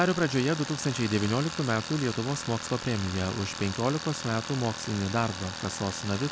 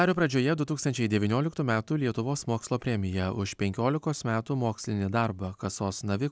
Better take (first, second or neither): second